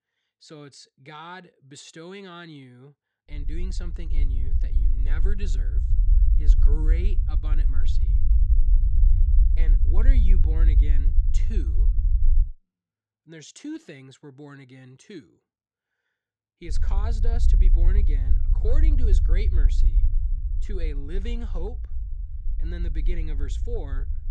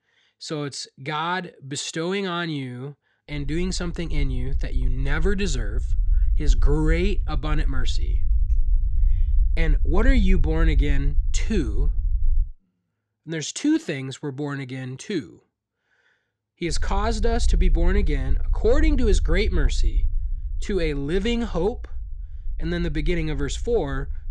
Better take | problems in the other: second | low rumble; loud; from 3.5 to 12 s and from 17 s on; 5 dB below the speech; faint in the second

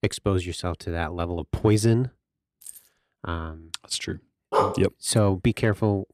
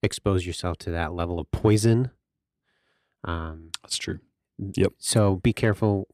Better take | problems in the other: second | jangling keys; faint; at 2.5 s; peak 20 dB below the speech // dog barking; loud; at 4.5 s; peak 1 dB above the speech

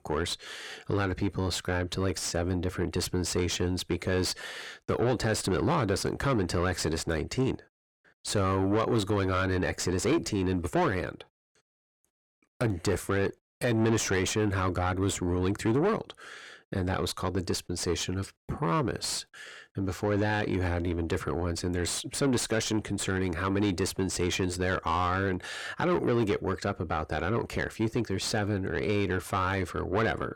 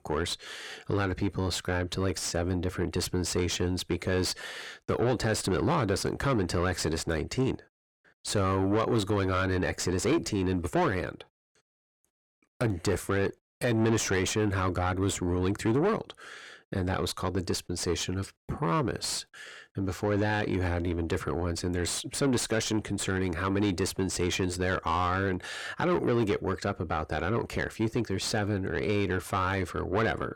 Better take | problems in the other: neither | distortion; slight; 10 dB below the speech; the same in both

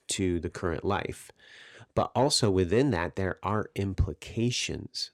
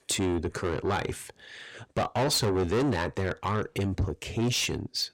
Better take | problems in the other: first | distortion; heavy; 7 dB below the speech

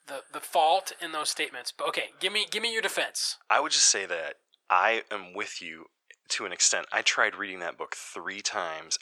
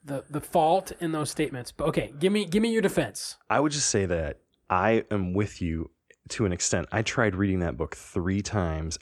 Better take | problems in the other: second | thin; very; fading below 850 Hz

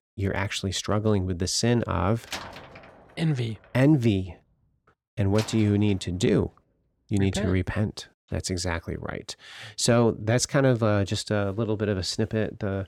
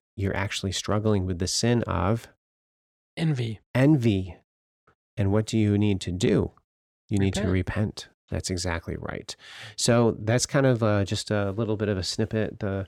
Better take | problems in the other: second | door banging; faint; from 2.5 to 6 s; peak 10 dB below the speech

